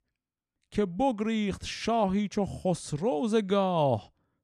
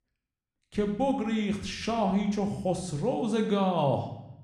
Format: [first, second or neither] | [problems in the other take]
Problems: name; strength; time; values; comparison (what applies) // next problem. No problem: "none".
first | room echo; slight; dies away in 0.7 s